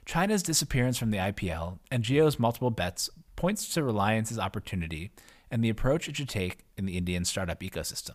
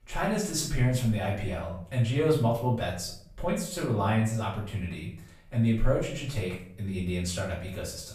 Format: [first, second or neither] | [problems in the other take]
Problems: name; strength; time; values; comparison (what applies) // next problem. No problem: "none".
first | room echo; noticeable; dies away in 0.5 s // off-mic speech; far